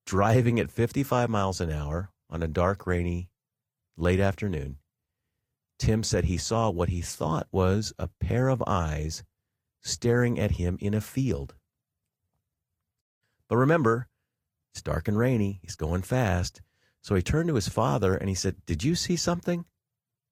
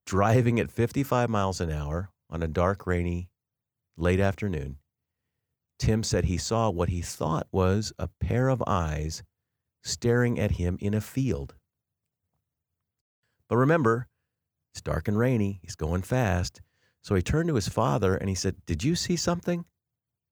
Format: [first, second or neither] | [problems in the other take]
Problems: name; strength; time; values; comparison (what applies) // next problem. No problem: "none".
second | garbled, watery; slightly; nothing above 15 kHz